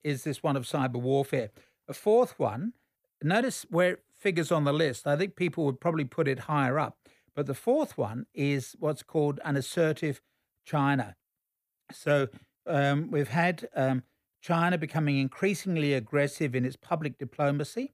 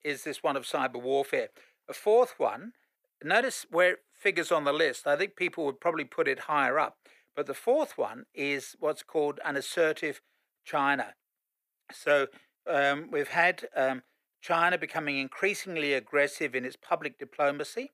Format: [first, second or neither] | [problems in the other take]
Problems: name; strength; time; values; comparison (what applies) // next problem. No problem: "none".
first | thin; somewhat; fading below 450 Hz